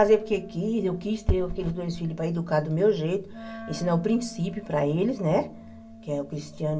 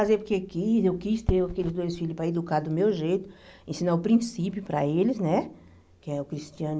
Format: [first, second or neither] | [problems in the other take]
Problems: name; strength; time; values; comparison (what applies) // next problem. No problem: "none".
second | background sound (Wind instrument, woodwind instrument); 18 dB below the speech // room echo; dies away in 0.1 s